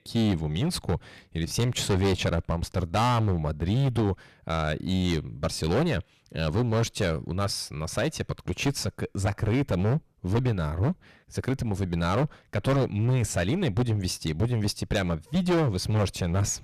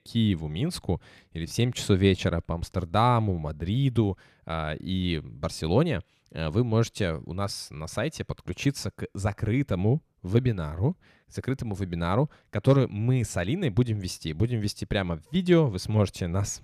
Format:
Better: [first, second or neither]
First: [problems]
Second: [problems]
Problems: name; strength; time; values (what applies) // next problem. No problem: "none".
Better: second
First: distortion; heavy; 14% of the sound clipped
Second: none